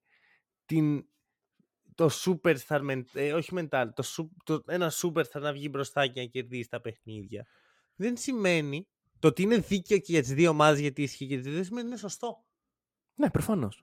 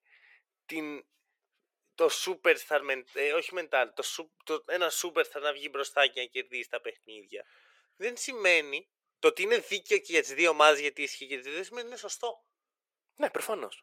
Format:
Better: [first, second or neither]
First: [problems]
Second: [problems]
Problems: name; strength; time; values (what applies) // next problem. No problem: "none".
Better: first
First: none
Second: thin; very; fading below 450 Hz